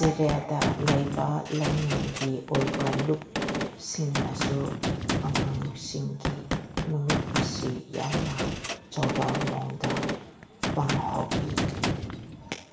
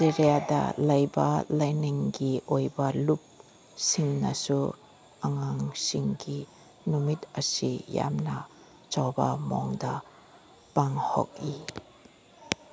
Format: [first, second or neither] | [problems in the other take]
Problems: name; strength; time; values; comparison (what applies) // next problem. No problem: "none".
second | background sound (Gunshot, gunfire); as loud as the speech // room echo; dies away in 0.5 s